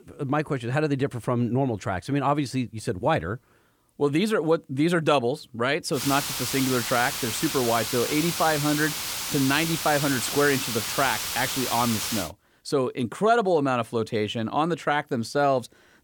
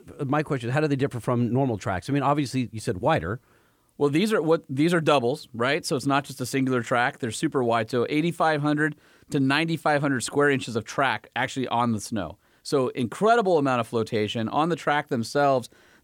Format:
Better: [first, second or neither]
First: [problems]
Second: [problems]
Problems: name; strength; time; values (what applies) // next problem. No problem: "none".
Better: second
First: hiss; loud; from 6 to 12 s; 3 dB below the speech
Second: none